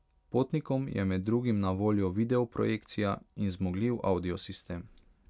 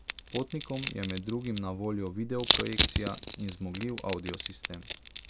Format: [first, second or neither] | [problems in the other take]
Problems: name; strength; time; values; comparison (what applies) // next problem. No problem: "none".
first | background sound (Crushing); 1 dB above the speech